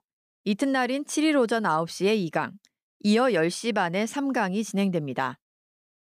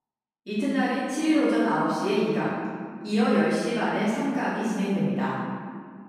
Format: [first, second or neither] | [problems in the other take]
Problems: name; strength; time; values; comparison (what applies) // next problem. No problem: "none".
first | room echo; strong; dies away in 1.9 s // off-mic speech; far